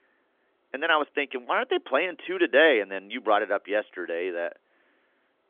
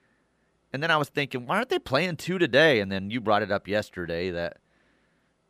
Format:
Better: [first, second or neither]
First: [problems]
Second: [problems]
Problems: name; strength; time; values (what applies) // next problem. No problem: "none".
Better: second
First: phone-call audio; nothing above 3.5 kHz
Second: none